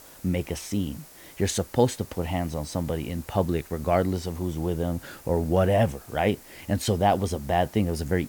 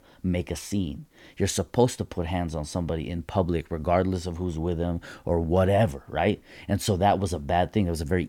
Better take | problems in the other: second | hiss; faint; throughout; 20 dB below the speech

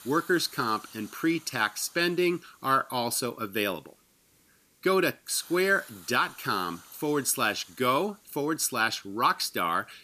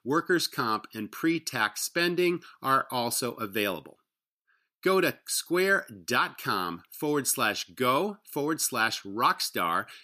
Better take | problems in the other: second | hiss; faint; throughout; 25 dB below the speech

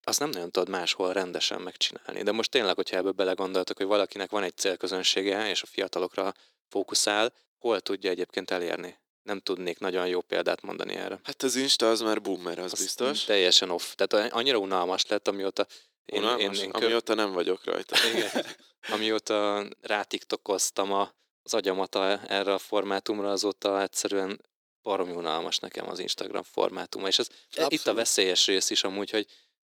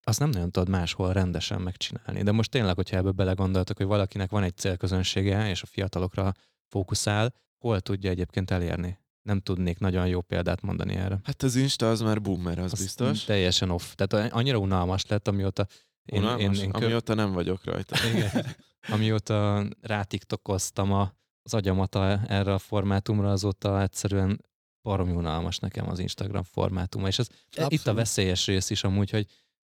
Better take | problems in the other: second | thin; very; fading below 350 Hz

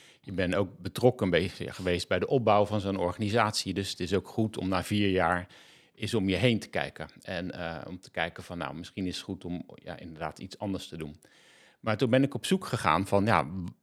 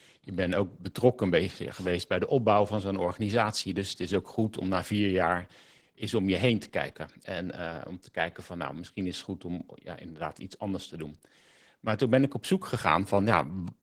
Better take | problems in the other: first | garbled, watery; slightly

